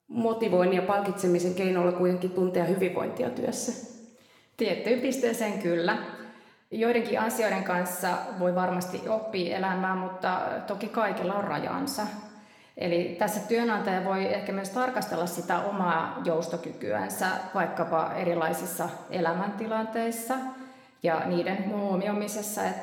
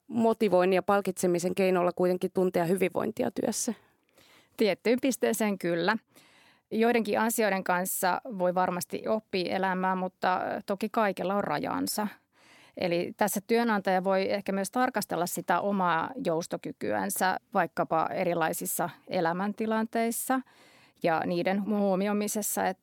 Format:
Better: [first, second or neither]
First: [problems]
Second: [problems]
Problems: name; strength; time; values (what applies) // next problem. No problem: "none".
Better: second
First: room echo; slight; dies away in 1.1 s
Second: none